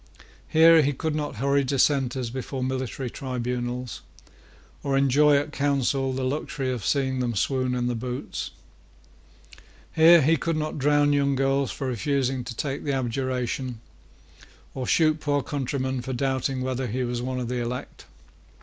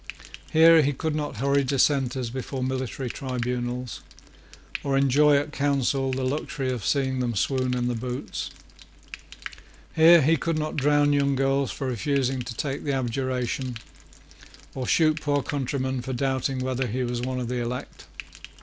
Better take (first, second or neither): first